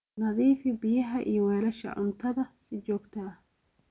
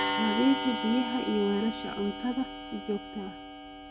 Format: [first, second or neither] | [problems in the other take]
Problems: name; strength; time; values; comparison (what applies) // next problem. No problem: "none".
first | background sound (Clock); 4 dB below the speech